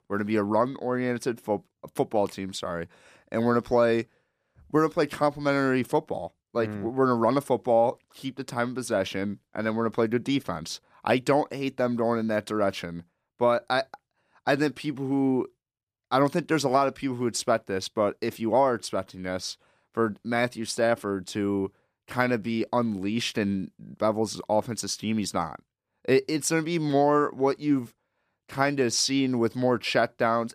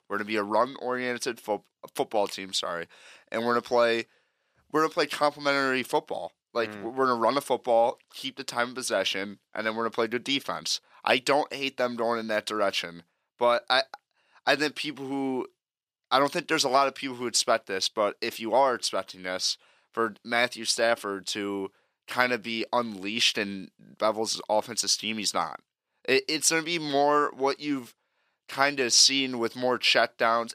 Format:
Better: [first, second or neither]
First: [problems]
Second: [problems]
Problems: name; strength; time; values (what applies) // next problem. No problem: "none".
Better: first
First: none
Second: thin; very slightly; fading below 750 Hz